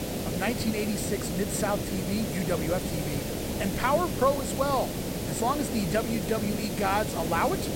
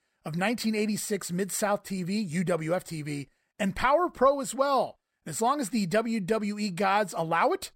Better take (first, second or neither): second